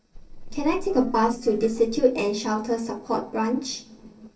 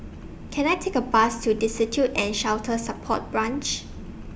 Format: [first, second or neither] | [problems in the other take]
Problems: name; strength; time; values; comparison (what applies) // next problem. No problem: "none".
second | noise reduction (neural separator model SepFormer DNS4)